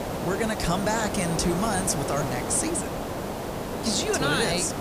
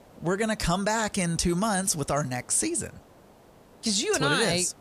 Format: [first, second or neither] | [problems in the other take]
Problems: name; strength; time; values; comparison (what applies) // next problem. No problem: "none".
second | hiss; loud; throughout; 4 dB below the speech; faint in the second